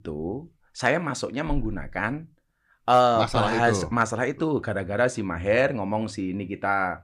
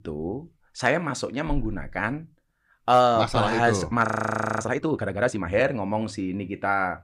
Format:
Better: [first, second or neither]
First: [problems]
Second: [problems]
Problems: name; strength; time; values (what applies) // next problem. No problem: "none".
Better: first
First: none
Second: audio freezing; at 4 s for 0.5 s